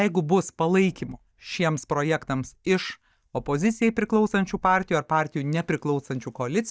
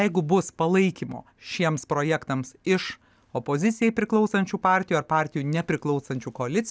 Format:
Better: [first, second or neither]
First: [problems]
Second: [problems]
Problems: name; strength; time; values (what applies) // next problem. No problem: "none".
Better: second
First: noise reduction (neural mask model DeepFilterNet 3)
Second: none